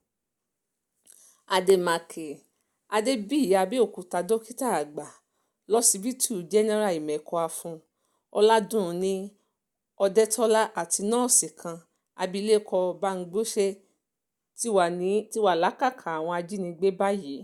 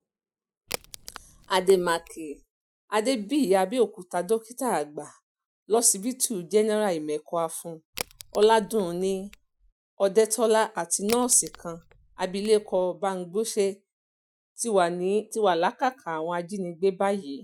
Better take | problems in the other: first | noise reduction (classical method Wiener filter)

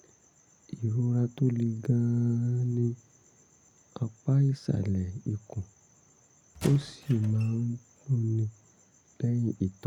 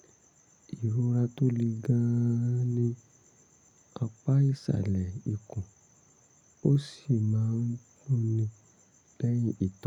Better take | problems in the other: second | background sound (Squeak / Wood); 14 dB below the speech

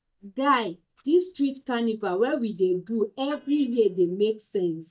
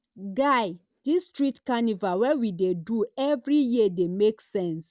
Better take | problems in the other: second | noise reduction (neural mask model DeepFilterNet 3)

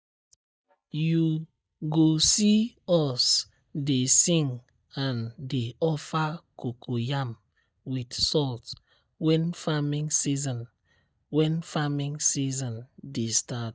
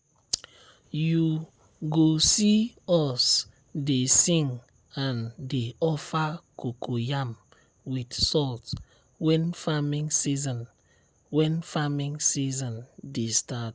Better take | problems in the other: second | noise reduction (neural mask model DeepFilterNet 3)

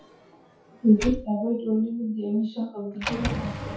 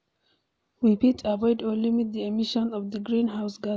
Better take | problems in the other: second | noise reduction (classical method WPE with log-MMSE)

